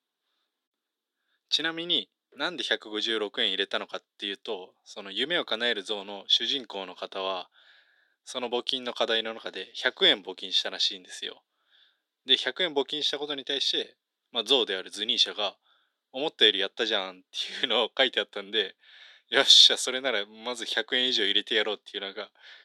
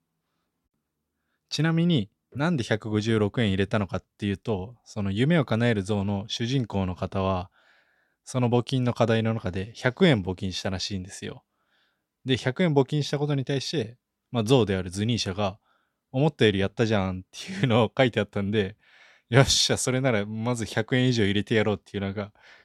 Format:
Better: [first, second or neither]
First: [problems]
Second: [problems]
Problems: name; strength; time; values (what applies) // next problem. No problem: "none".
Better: second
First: thin; very; fading below 300 Hz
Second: none